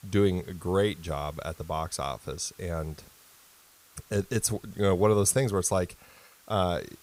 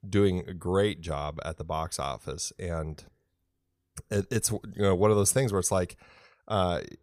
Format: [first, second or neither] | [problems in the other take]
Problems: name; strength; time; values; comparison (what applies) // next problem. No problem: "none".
second | hiss; faint; throughout; 25 dB below the speech